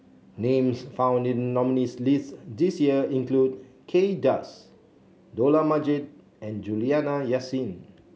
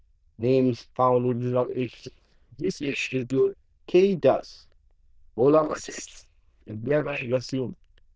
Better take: first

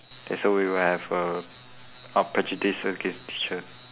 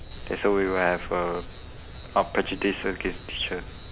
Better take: first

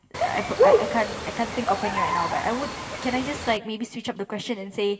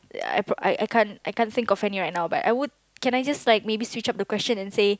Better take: second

